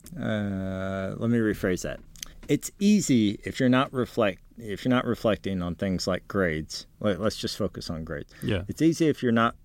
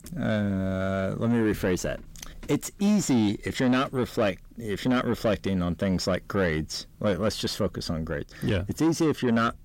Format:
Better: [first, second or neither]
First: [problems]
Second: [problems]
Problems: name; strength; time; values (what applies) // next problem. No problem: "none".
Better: first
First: none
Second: distortion; slight; 10 dB below the speech